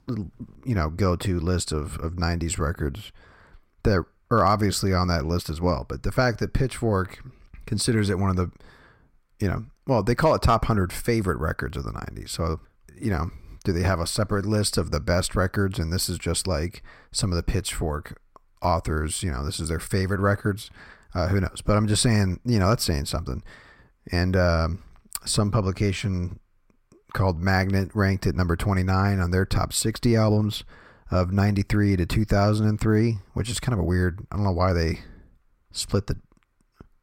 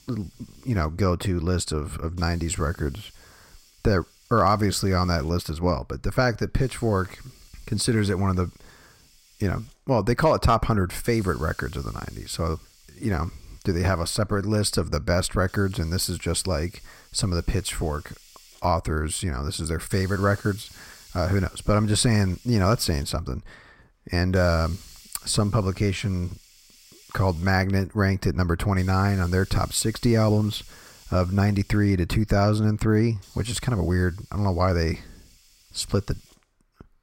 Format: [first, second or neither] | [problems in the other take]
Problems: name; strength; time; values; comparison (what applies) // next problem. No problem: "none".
first | hiss; faint; throughout; 25 dB below the speech